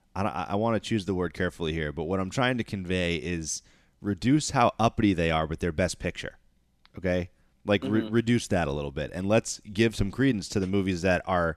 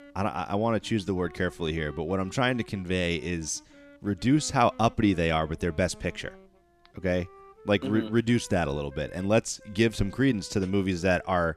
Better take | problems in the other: first | background music; faint; throughout; 25 dB below the speech

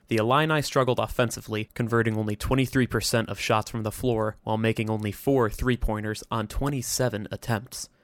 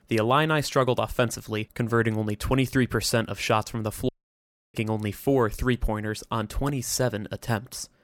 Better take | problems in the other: first | audio cutting out; at 4 s for 0.5 s

